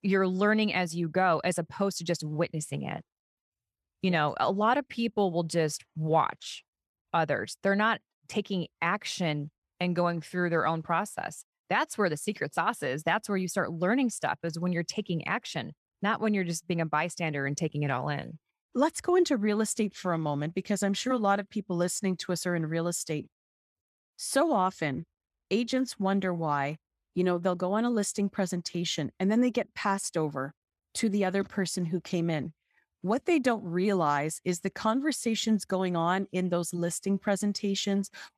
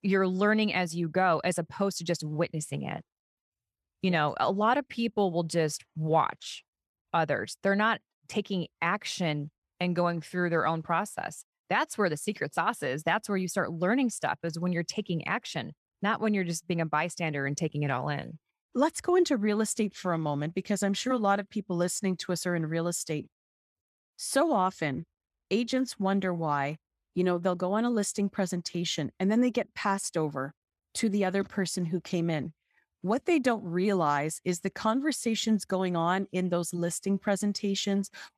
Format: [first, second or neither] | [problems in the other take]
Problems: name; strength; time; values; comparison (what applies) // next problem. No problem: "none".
neither | none